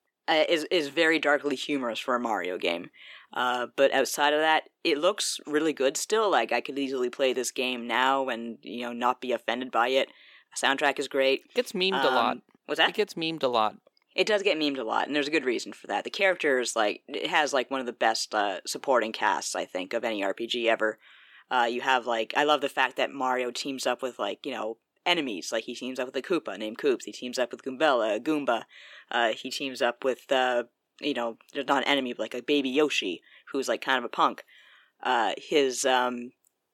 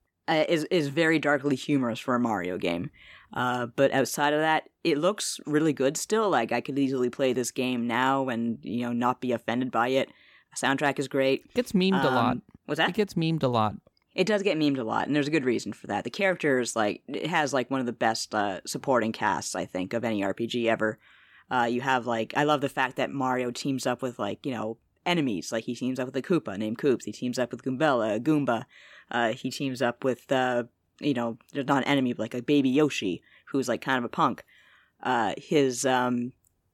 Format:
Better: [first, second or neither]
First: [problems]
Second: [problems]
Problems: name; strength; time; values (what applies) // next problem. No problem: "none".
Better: second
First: thin; somewhat; fading below 400 Hz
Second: none